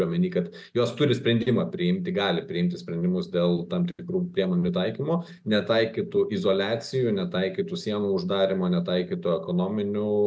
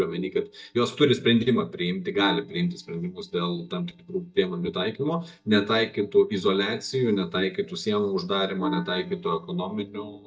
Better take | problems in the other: first | noise reduction (neural mask model DeepFilterNet 3)

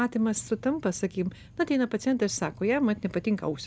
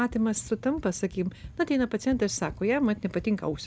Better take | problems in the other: first | background sound (Run); 19 dB below the speech

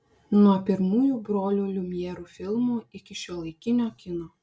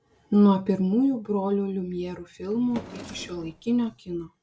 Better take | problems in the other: first | background sound (Drawer open or close); 17 dB below the speech

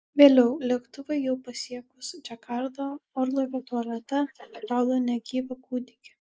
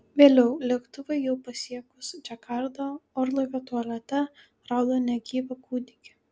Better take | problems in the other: second | noise reduction (neural mask model Resemble Enhance denoiser)

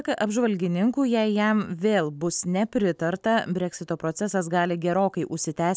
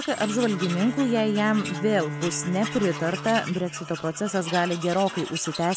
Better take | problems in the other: first | background sound (Tools + Bowed string instrument); 9 dB below the speech

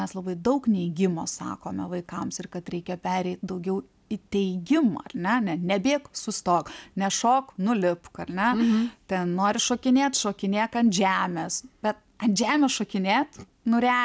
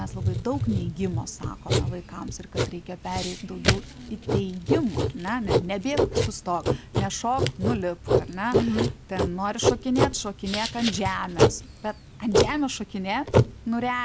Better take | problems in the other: first | background sound (Writing); 3 dB above the speech

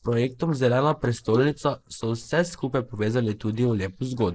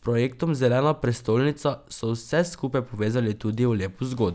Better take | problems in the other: second | noise reduction (neural mask model Resemble Enhance denoiser)

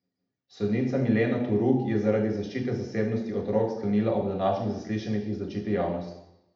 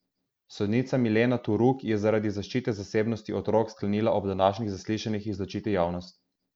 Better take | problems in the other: second | room echo; dies away in 0.8 s

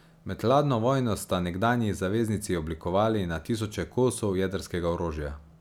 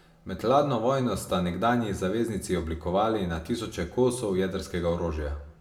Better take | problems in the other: first | room echo; dies away in 0.6 s

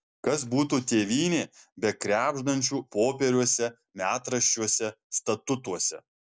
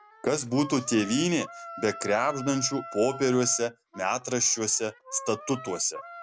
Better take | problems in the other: first | background sound (Wind instrument, woodwind instrument); 15 dB below the speech

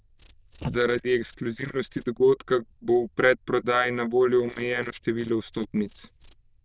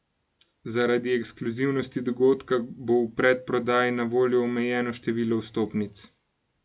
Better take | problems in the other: second | noise reduction (neural diffusion model UNIVERSE++)

